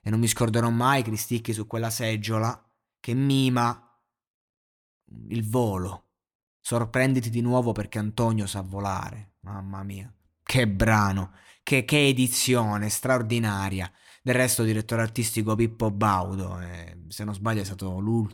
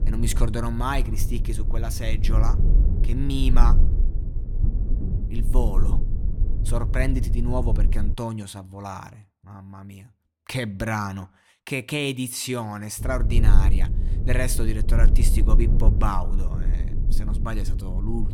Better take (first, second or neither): first